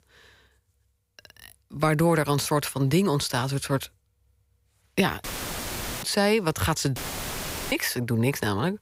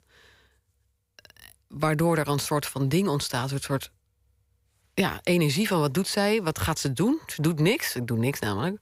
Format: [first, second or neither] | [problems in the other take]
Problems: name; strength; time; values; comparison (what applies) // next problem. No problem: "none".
second | audio cutting out; filled with static; at 5 s for 1 s and at 7 s for 1 s